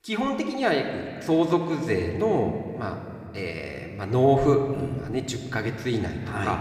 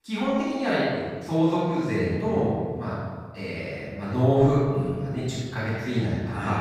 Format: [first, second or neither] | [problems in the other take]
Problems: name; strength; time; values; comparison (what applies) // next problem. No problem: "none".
first | room echo; strong; dies away in 1.6 s; slight in the first // off-mic speech; far